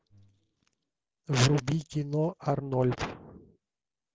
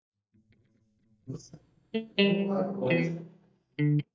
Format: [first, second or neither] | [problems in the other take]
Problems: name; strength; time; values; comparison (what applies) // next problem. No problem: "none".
first | noise reduction (neural mask model DeepFilterNet 3)